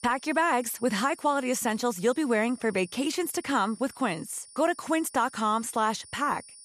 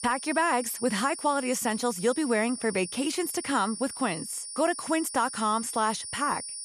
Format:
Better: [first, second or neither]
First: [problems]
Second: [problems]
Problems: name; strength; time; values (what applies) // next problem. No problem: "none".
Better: first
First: high-pitched whine; faint; throughout; 9.5 kHz, 20 dB below the speech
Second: high-pitched whine; loud; throughout; 9.5 kHz, 8 dB below the speech